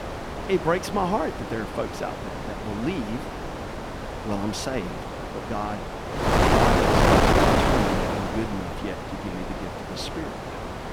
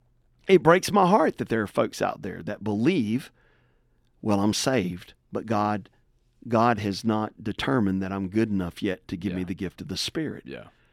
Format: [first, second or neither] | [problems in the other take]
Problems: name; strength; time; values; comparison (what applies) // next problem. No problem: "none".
second | wind noise on the microphone; heavy; 5 dB above the speech